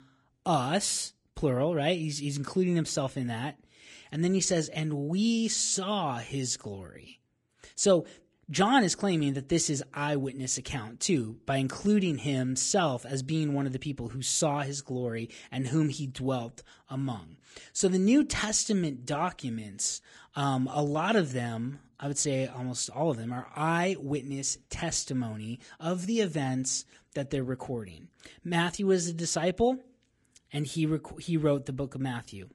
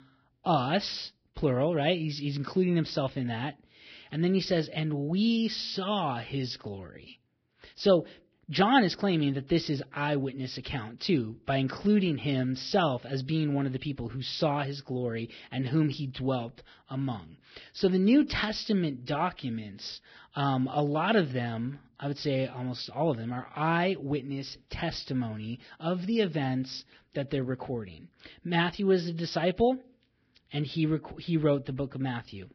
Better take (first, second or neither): first